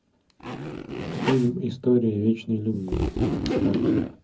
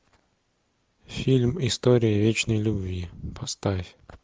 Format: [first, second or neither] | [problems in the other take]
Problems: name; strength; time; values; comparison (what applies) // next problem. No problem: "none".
second | background sound (Zipper (clothing)); 2 dB below the speech // room echo; dies away in 0.4 s